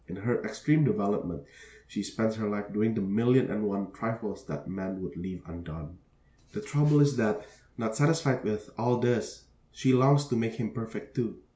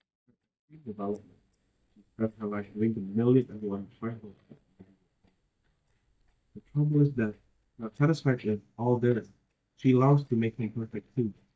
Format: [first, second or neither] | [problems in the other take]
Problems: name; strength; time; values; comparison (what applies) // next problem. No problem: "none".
first | noise reduction (neural mask model DeepFilterNet 3)